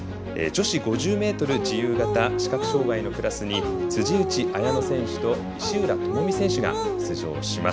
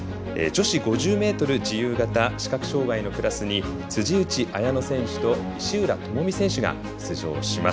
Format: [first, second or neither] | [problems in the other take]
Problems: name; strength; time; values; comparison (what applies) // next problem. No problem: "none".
second | background sound (Dog); 2 dB below the speech